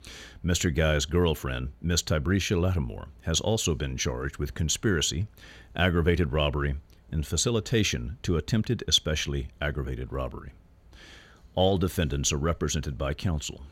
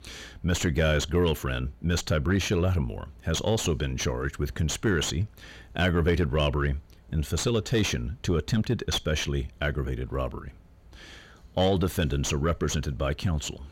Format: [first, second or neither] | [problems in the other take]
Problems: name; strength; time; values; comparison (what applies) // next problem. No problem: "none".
first | distortion; slight; 10 dB below the speech